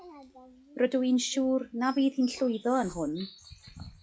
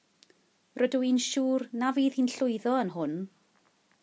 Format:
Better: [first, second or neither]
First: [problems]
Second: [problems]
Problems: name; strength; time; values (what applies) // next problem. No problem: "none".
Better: second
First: noise reduction (classical method log-MMSE)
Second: none